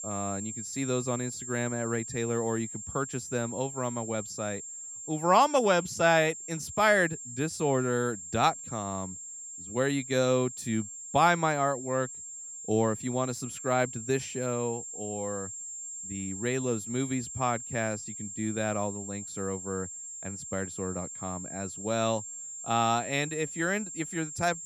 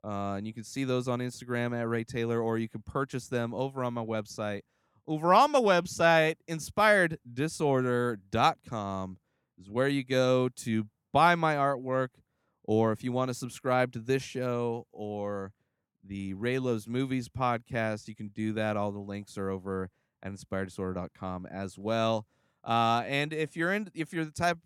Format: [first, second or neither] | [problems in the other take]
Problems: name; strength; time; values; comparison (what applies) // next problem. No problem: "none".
second | high-pitched whine; loud; throughout; 7.5 kHz, 8 dB below the speech